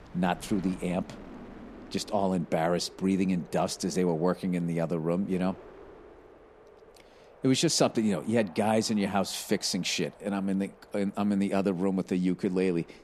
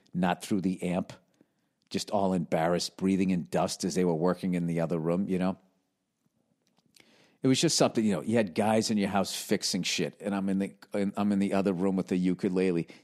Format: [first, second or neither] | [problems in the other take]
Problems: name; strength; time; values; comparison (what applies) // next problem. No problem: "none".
second | wind noise on the microphone; occasional gusts; 20 dB below the speech